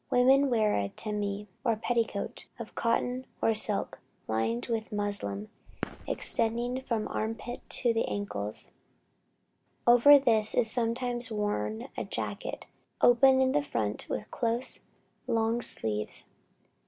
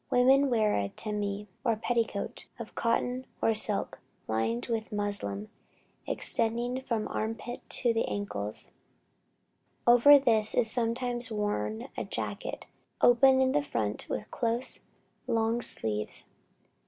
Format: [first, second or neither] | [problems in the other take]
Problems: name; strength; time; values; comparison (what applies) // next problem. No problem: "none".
second | background sound (Fireworks); 15 dB below the speech